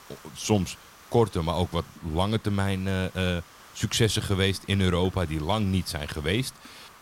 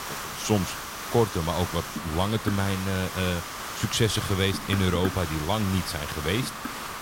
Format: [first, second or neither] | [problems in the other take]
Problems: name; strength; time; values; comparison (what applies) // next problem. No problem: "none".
first | hiss; loud; throughout; 6 dB below the speech; faint in the first